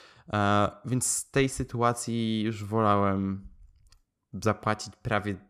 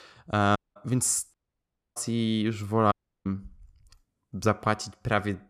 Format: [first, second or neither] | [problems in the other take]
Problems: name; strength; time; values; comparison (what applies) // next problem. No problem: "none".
first | audio cutting out; at 0.5 s, at 1.5 s for 0.5 s and at 3 s